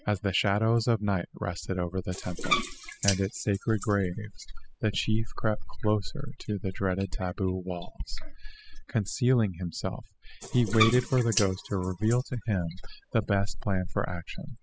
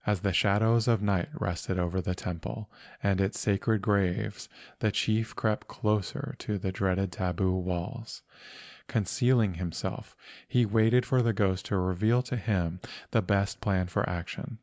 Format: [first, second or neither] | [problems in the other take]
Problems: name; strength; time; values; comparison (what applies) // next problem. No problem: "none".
second | noise reduction (classical method spectral subtraction)